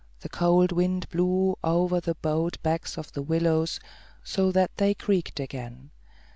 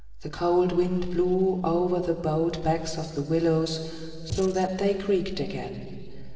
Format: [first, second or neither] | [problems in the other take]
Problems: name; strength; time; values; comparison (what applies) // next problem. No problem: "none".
first | noise reduction (neural separator model SepFormer DNS4)